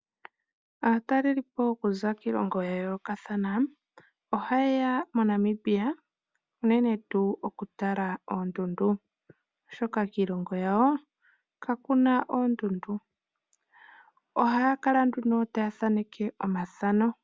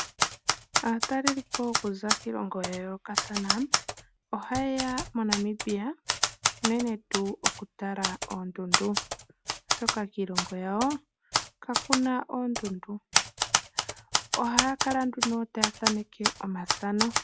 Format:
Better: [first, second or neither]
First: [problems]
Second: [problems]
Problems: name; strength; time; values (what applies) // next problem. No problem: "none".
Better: first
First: none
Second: background sound (Typewriter); 1 dB above the speech